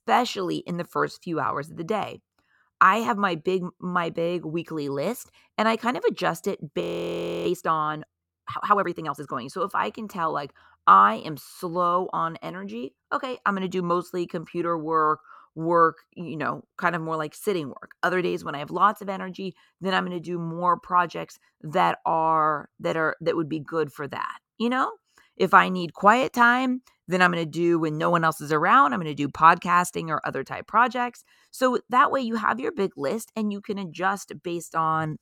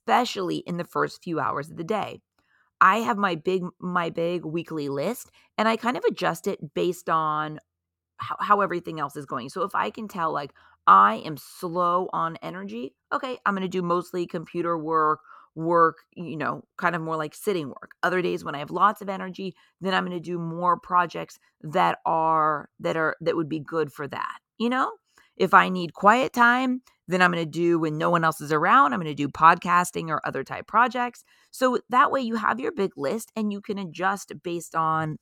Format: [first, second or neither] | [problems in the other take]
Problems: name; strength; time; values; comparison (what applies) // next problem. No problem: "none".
second | audio freezing; at 7 s for 0.5 s